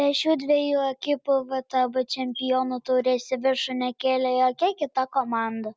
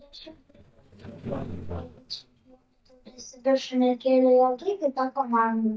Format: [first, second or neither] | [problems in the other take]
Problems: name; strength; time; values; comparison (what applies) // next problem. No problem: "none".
first | noise reduction (neural mask model DeepFilterNet 3)